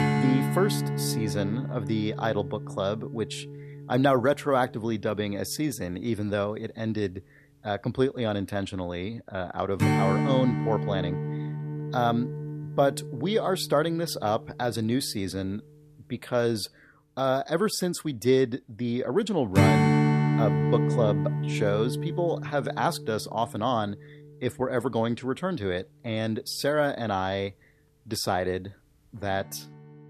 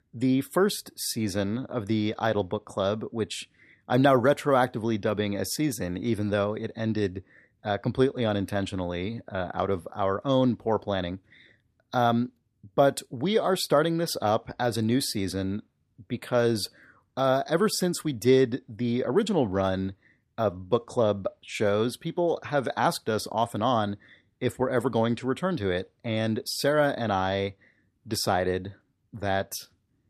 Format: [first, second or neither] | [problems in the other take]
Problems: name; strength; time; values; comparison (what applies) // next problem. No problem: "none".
second | background music; very loud; throughout; as loud as the speech